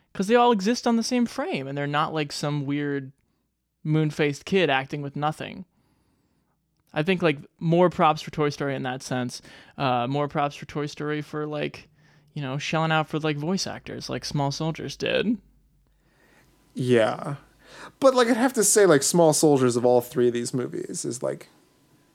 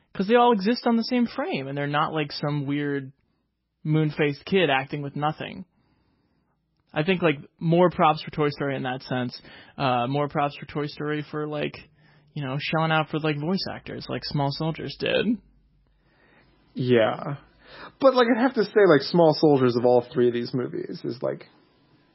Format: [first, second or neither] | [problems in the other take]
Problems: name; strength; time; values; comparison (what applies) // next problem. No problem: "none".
first | garbled, watery; badly; nothing above 5.5 kHz